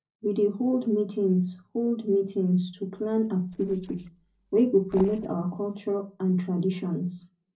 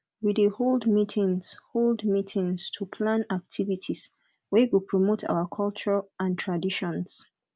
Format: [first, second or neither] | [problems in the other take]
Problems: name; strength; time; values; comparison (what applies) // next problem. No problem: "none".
second | noise reduction (neural separator model SepFormer DNS4)